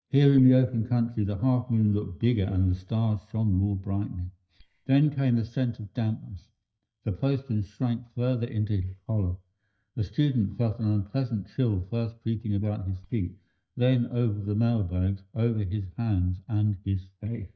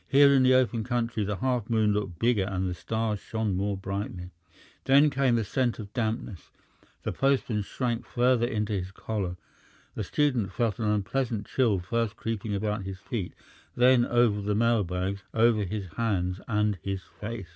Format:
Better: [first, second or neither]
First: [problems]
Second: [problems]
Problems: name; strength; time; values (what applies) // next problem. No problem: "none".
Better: second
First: noise reduction (neural mask model DeepFilterNet 3)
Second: none